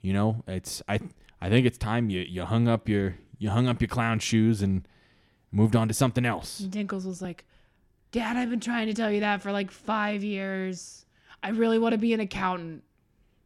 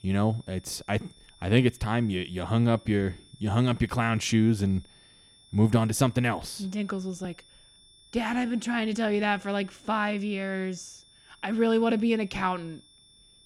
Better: first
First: none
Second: high-pitched whine; faint; throughout; 3.5 kHz, 25 dB below the speech

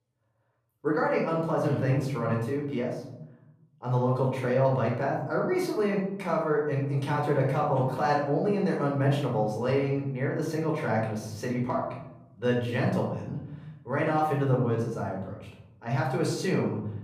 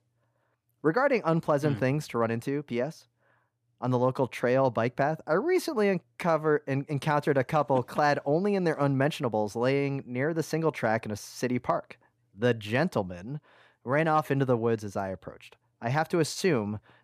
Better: second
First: off-mic speech; far // room echo; noticeable; dies away in 1 s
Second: none

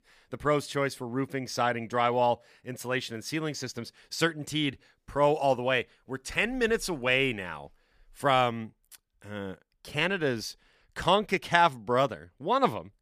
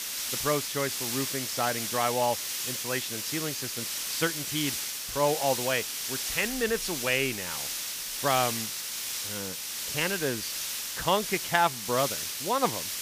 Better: first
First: none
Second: hiss; loud; throughout; 1 dB below the speech

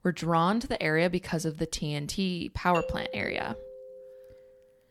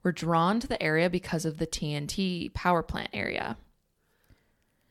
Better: second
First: doorbell; noticeable; from 2.5 to 4.5 s; peak 7 dB below the speech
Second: none

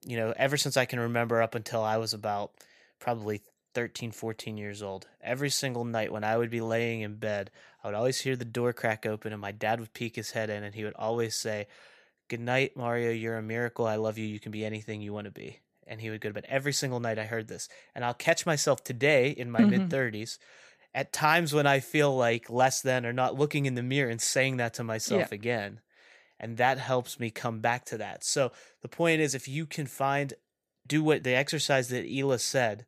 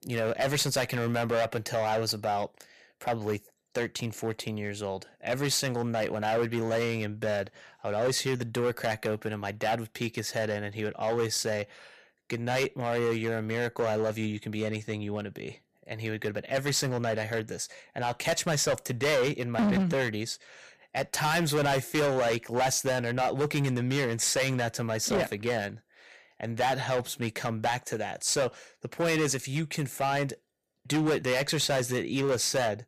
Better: first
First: none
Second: distortion; heavy; 10% of the sound clipped

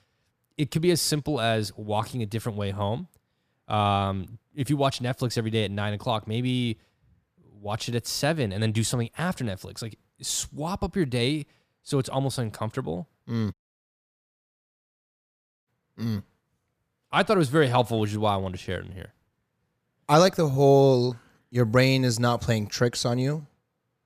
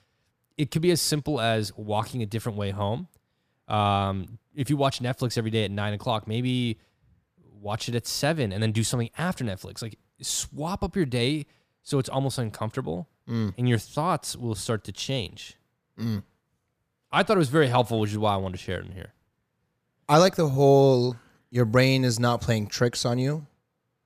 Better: second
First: audio cutting out; at 14 s for 2 s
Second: none

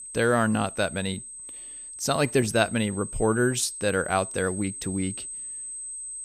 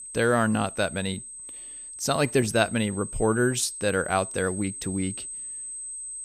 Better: neither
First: high-pitched whine; loud; throughout; 8 kHz, 10 dB below the speech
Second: high-pitched whine; loud; throughout; 8 kHz, 10 dB below the speech

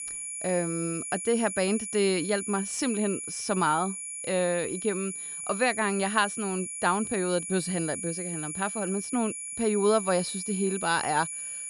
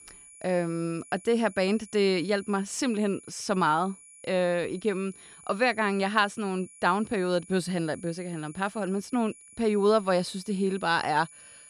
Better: second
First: high-pitched whine; loud; throughout; 10 kHz, 5 dB below the speech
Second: high-pitched whine; faint; throughout; 10 kHz, 20 dB below the speech

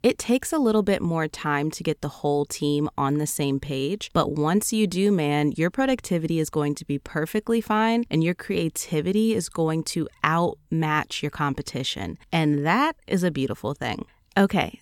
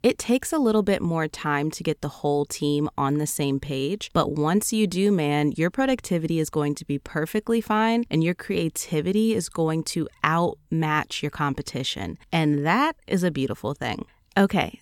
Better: neither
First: none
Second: none

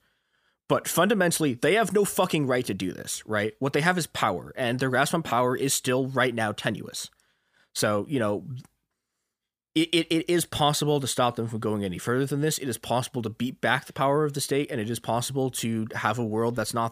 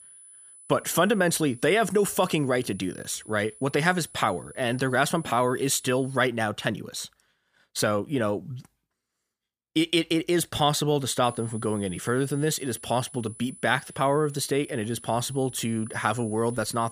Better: first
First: none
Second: high-pitched whine; noticeable; until 6 s and from 11 s on; 10 kHz, 20 dB below the speech

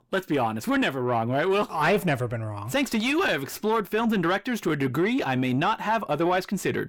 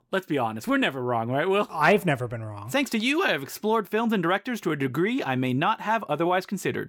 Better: second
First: distortion; slight; 10 dB below the speech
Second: none

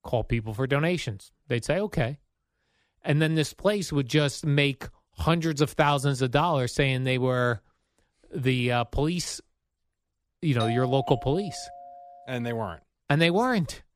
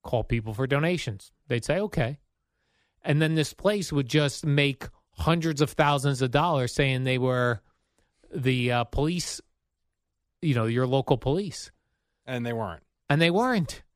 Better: second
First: doorbell; noticeable; from 11 to 12 s; peak 7 dB below the speech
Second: none

